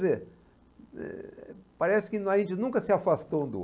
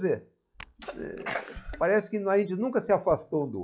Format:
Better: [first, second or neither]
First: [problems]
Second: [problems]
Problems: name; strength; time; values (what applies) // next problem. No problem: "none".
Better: first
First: none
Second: noise reduction (classical method log-MMSE)